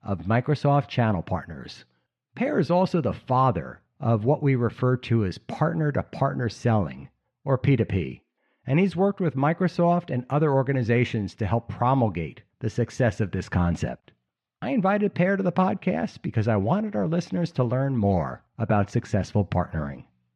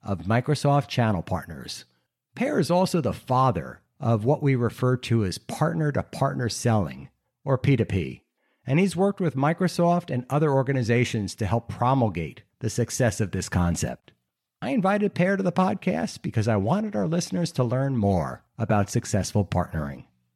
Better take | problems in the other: second | muffled; slightly; fading above 3 kHz

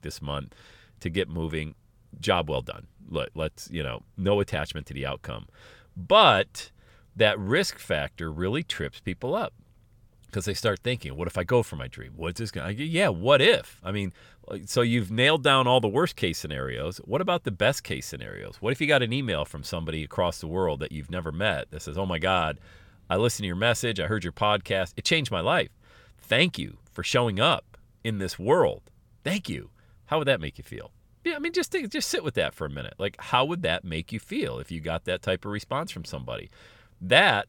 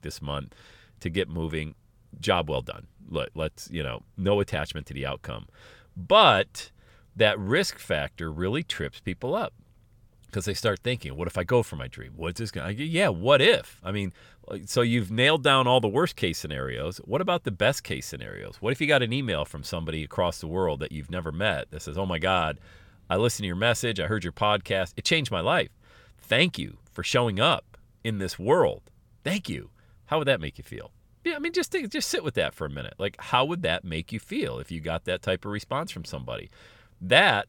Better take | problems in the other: neither | none

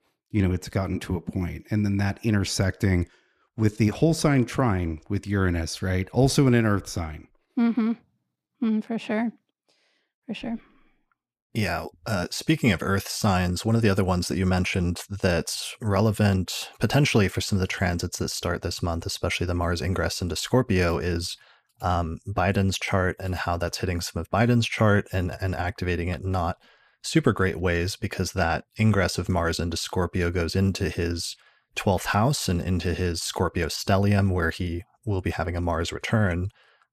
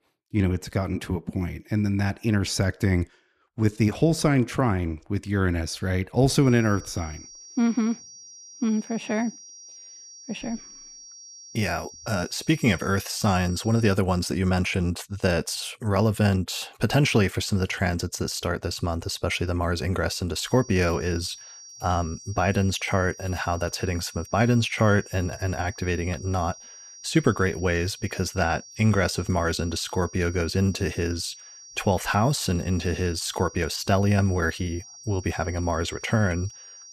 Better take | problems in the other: first | high-pitched whine; noticeable; from 6.5 to 14 s and from 20 s on; 5.5 kHz, 15 dB below the speech

